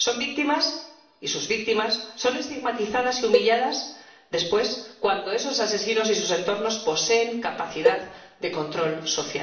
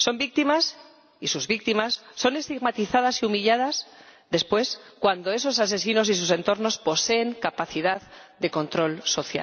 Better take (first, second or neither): second